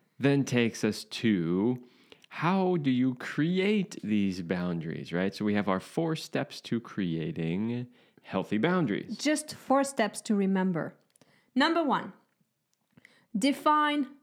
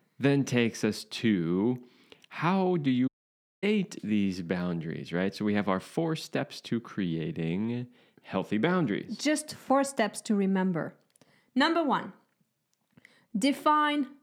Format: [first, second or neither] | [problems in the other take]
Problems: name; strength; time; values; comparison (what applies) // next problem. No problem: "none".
first | audio cutting out; at 3 s for 0.5 s